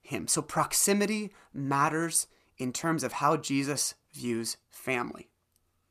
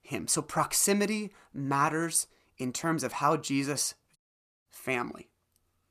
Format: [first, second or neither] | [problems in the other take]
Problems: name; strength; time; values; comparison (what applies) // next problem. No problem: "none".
first | audio cutting out; at 4 s